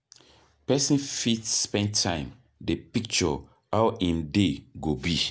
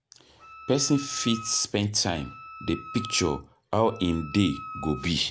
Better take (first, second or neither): first